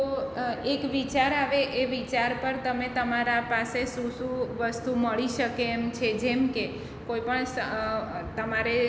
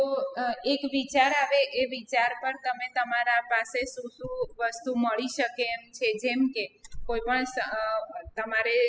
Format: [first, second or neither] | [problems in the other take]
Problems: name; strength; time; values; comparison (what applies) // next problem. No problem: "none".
first | noise reduction (classical method spectral subtraction)